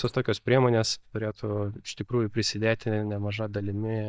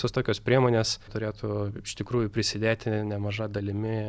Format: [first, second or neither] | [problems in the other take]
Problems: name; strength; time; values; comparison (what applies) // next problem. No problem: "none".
second | noise reduction (neural mask model DeepFilterNet 3)